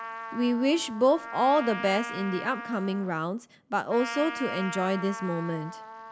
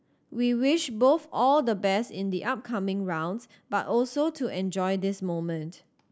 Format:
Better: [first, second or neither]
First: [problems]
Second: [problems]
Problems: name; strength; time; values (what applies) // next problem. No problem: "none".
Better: second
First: background sound (Trumpet); 10 dB below the speech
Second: none